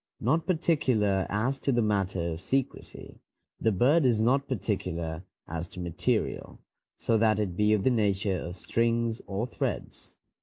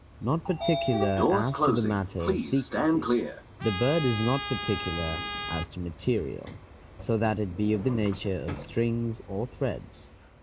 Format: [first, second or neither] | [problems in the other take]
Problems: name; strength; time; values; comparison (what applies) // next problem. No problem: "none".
first | background sound (Sliding door / Train + Trumpet); 3 dB below the speech